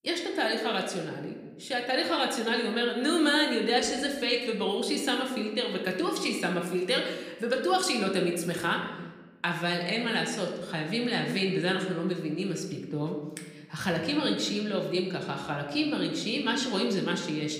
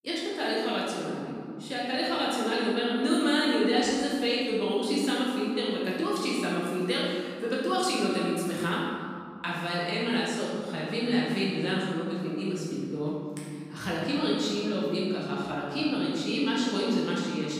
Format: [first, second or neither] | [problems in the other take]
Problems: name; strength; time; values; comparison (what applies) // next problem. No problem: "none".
first | room echo; strong; dies away in 2.2 s; slight in the first // off-mic speech; far